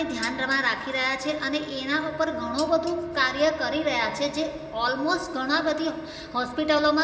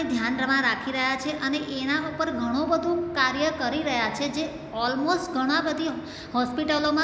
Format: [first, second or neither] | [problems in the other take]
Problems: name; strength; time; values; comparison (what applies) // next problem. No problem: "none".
second | background sound (Dishes, pots, and pans); 19 dB below the speech // room echo; dies away in 2.9 s